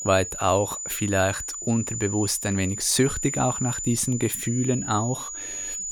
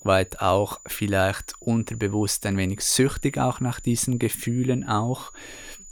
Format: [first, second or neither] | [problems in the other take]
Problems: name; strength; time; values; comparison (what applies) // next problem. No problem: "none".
second | high-pitched whine; loud; throughout; 7 kHz, 5 dB below the speech; faint in the second